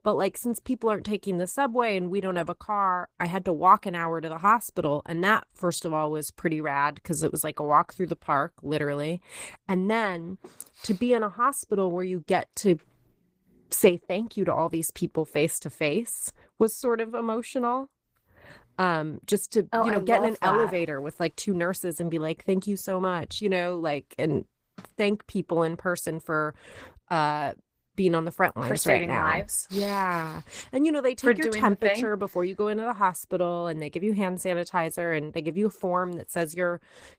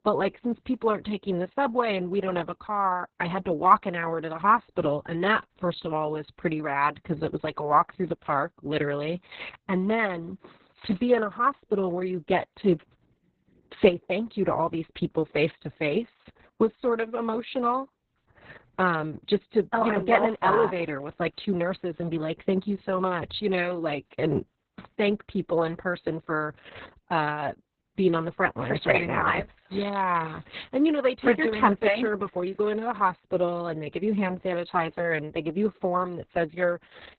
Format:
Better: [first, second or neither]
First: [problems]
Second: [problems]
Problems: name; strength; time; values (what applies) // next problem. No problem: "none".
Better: first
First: garbled, watery; slightly; nothing above 15.5 kHz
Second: garbled, watery; badly; nothing above 4 kHz